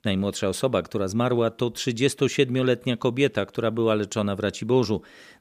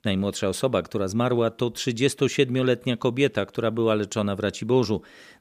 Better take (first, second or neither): neither